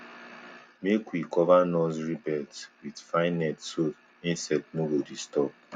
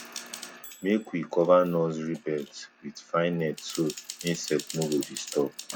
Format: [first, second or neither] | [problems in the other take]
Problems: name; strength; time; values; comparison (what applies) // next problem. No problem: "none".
first | background sound (Typing); 15 dB below the speech